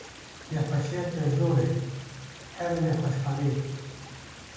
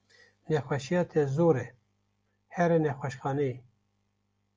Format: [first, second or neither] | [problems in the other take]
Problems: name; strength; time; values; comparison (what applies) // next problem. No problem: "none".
second | background sound (Stream); 16 dB below the speech // room echo; dies away in 1.2 s